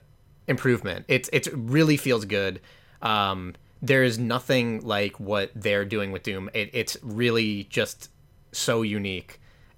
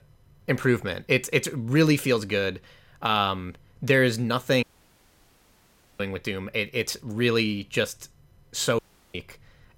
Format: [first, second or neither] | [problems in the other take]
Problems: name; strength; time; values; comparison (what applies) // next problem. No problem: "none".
first | audio cutting out; at 4.5 s for 1.5 s and at 9 s